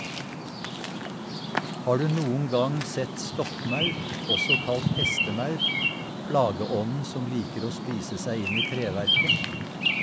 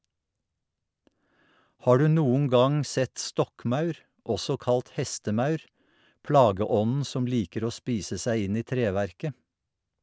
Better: second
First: background sound (Bird vocalization, bird call, bird song); 1 dB above the speech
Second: none

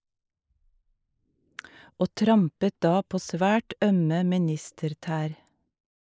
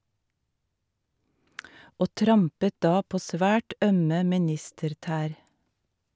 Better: second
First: noise reduction (neural mask model Resemble Enhance denoiser)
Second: none

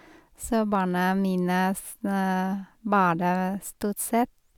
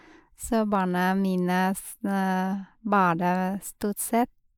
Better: first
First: none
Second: noise reduction (neural mask model Resemble Enhance denoiser)

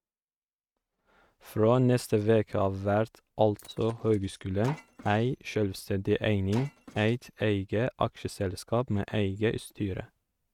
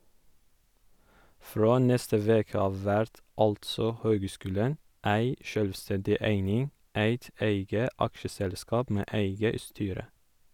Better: second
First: noise reduction (neural mask model RNNoise)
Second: none

